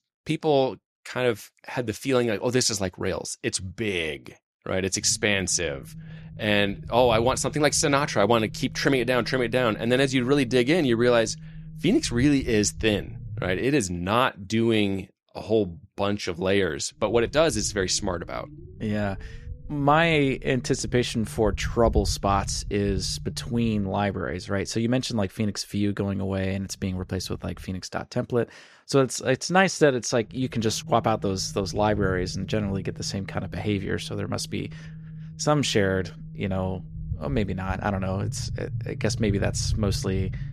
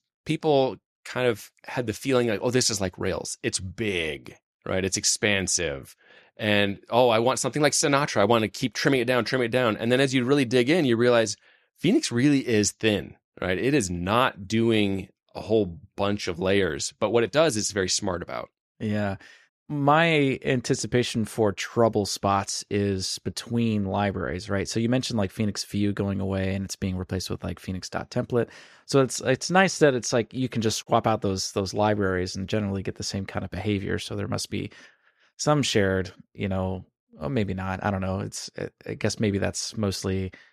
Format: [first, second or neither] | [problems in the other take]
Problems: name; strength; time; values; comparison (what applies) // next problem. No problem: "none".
second | low rumble; faint; from 5 to 14 s, from 17 to 28 s and from 30 s on; 25 dB below the speech